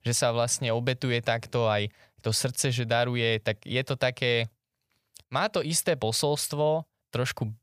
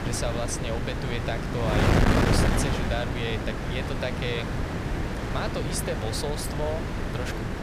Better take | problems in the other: first | wind noise on the microphone; heavy; 2 dB above the speech

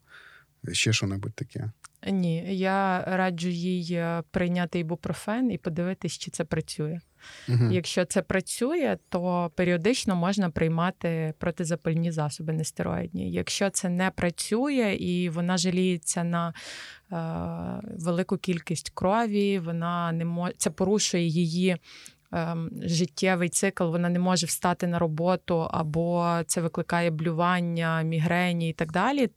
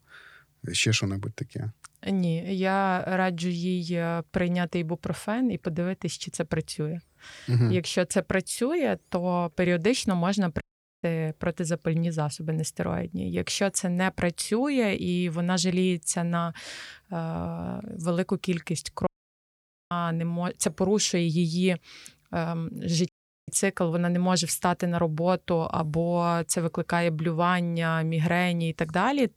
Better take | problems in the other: first | audio cutting out; at 11 s, at 19 s for 1 s and at 23 s

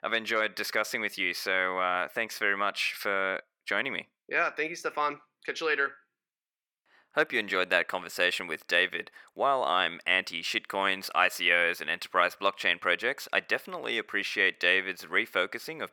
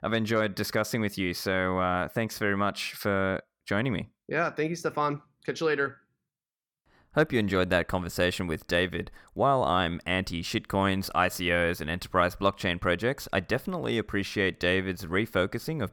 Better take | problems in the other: second | thin; somewhat; fading below 400 Hz

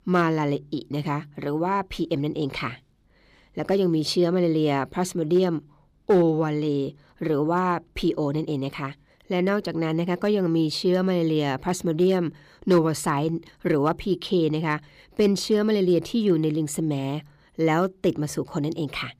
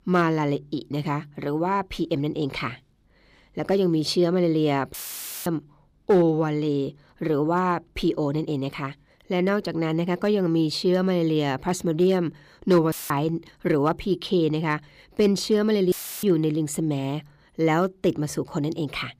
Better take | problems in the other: first | audio cutting out; filled with static; at 5 s for 0.5 s, at 13 s and at 16 s

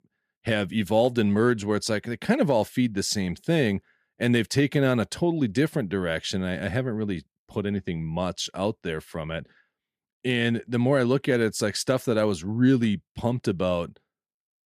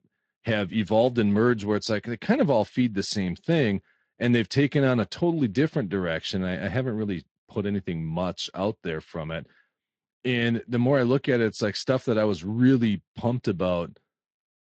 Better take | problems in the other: first | garbled, watery; slightly; nothing above 7.5 kHz

